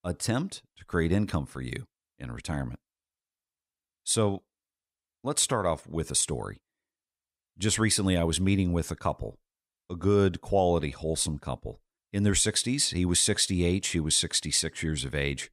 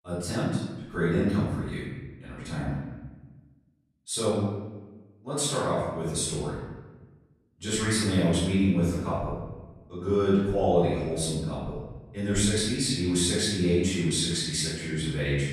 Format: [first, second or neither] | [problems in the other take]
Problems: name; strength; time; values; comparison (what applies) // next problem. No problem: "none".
first | off-mic speech; far // room echo; strong; dies away in 1.1 s